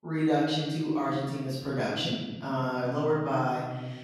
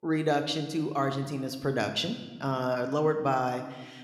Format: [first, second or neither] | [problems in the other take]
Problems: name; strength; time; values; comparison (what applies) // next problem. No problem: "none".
second | room echo; strong; dies away in 1.4 s; slight in the second // off-mic speech; far